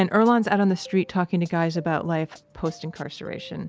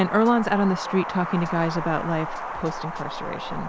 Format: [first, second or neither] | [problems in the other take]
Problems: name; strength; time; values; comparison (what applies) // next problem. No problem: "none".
first | background sound (Wind); 7 dB below the speech